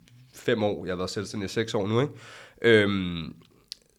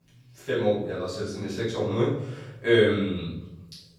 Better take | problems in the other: first | off-mic speech; far // room echo; noticeable; dies away in 0.8 s

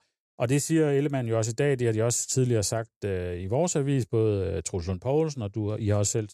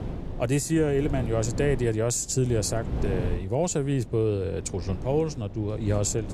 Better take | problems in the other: first | wind noise on the microphone; occasional gusts; 15 dB below the speech

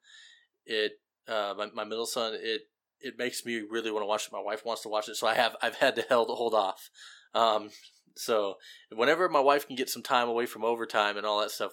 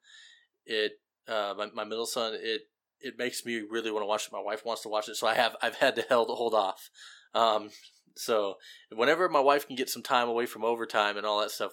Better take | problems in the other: neither | thin; somewhat; fading below 450 Hz; the same in both

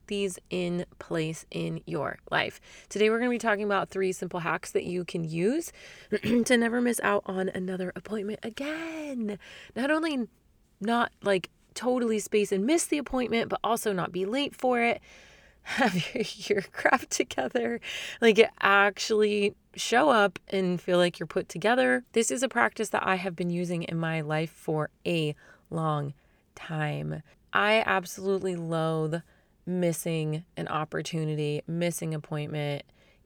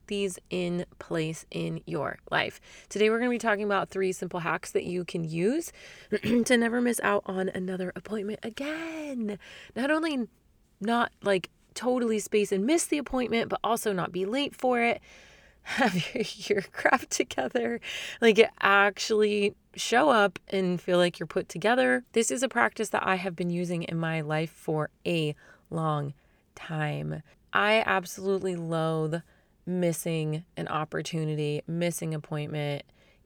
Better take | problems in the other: neither | none

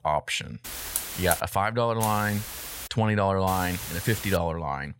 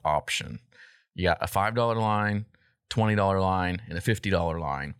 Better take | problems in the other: second | hiss; loud; at 0.5 s, at 2 s and at 3.5 s; 7 dB below the speech

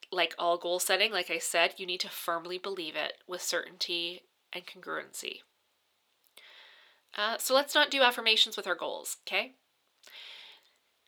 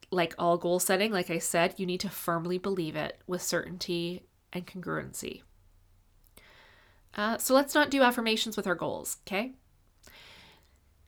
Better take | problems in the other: second | thin; somewhat; fading below 500 Hz

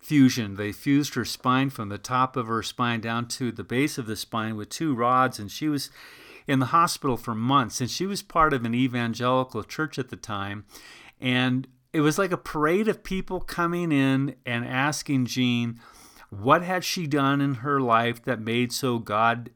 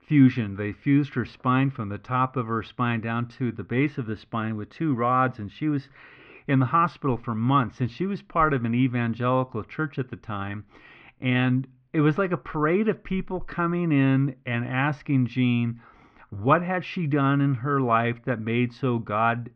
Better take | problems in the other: first | muffled; very; fading above 2.5 kHz

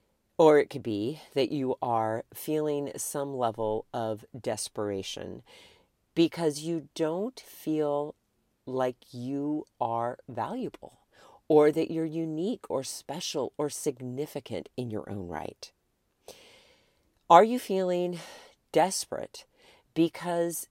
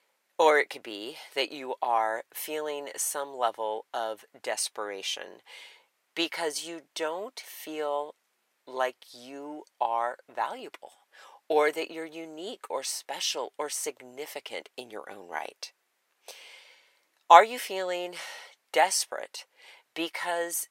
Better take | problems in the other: first | thin; very; fading below 750 Hz

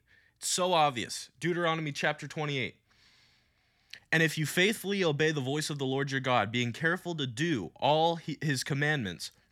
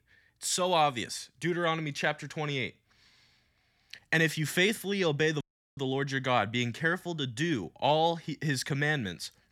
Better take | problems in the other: first | audio cutting out; at 5.5 s

